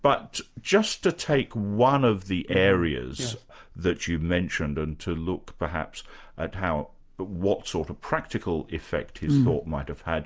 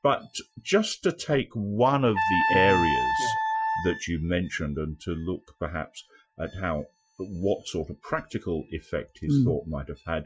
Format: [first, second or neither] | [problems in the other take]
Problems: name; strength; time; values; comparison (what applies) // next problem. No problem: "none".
first | noise reduction (classical method Wiener filter)